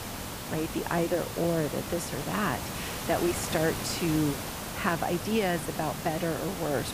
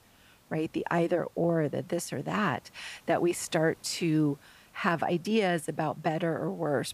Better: second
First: hiss; loud; throughout; 5 dB below the speech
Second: hiss; faint; throughout; 30 dB below the speech

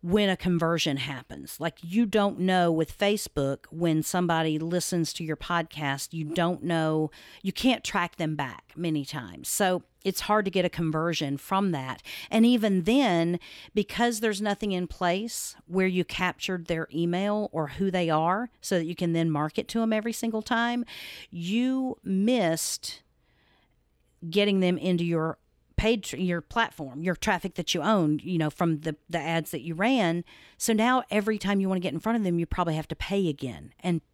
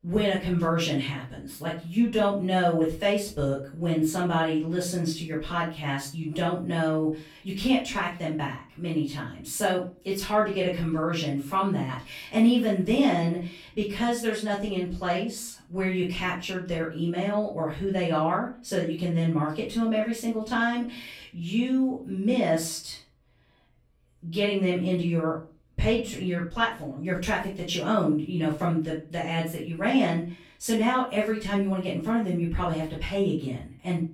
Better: first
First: none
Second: off-mic speech; far // room echo; slight; dies away in 0.3 s

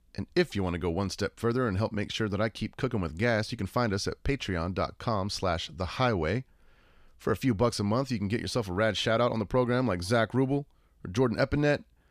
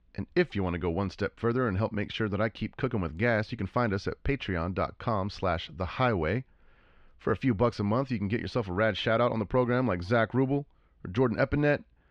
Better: first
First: none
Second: muffled; slightly; fading above 2.5 kHz

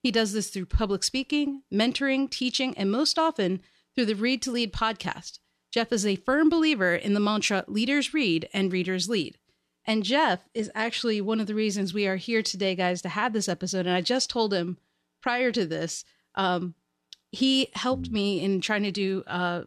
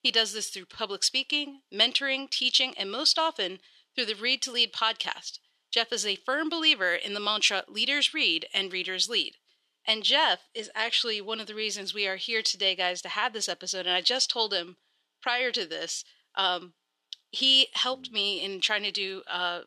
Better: first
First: none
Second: thin; somewhat; fading below 500 Hz

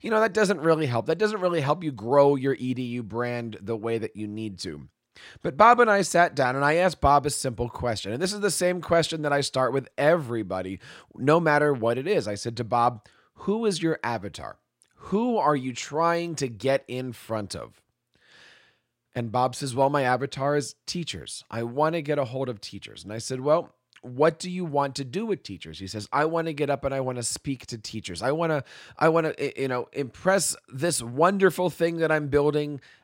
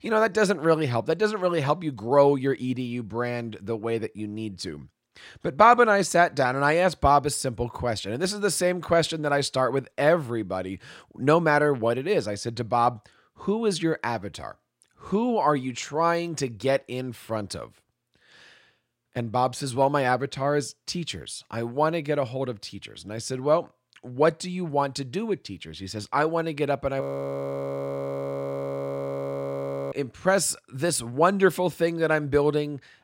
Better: first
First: none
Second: audio freezing; at 27 s for 3 s

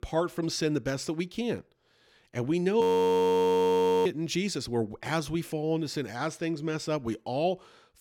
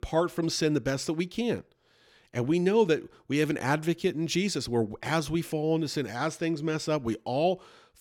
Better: second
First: audio freezing; at 3 s for 1 s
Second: none

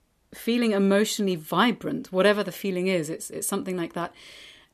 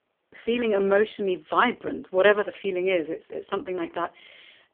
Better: first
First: none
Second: phone-call audio; poor line; nothing above 3 kHz

